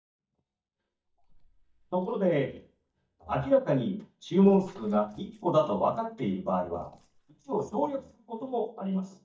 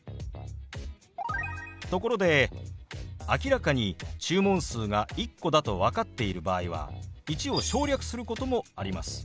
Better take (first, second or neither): second